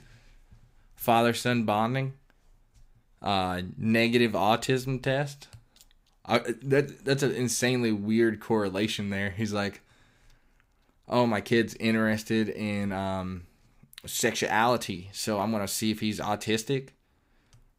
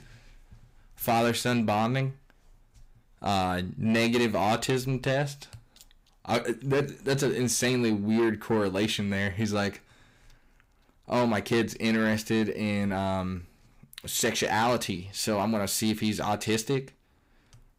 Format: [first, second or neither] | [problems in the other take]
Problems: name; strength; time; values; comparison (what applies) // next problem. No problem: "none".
first | distortion; slight; 10 dB below the speech